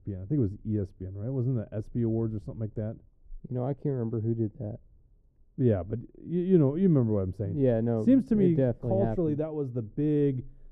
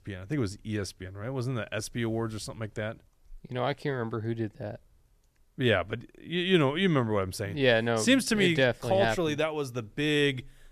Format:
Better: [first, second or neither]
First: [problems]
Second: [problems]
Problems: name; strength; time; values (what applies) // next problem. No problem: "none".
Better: second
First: muffled; very; fading above 1 kHz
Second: none